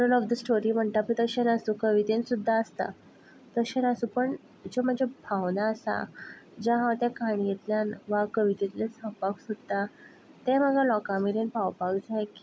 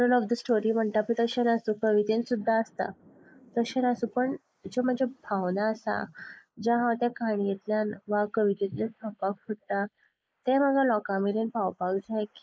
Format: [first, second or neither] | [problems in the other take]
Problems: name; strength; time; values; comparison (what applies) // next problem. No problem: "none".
first | noise reduction (neural mask model Resemble Enhance denoiser)